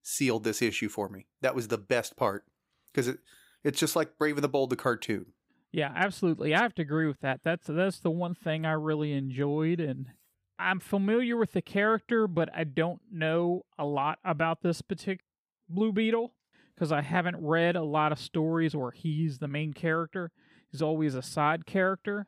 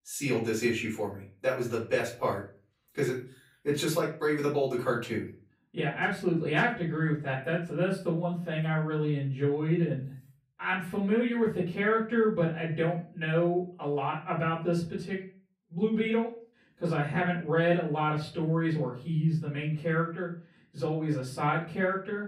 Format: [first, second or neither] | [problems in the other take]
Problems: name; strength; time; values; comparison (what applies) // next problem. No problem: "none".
first | room echo; slight; dies away in 0.3 s // off-mic speech; far